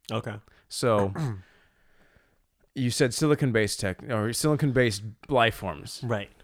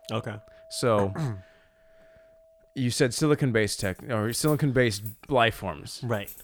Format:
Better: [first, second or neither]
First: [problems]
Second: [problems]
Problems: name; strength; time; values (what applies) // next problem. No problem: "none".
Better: first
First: none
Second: household noises; noticeable; throughout; 20 dB below the speech